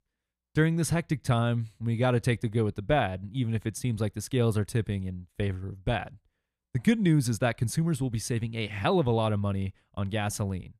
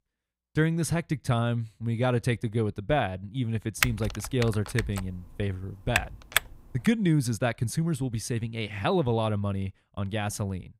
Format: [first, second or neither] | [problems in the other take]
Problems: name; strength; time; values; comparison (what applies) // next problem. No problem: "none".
first | keyboard typing; loud; from 4 to 7 s; peak 1 dB above the speech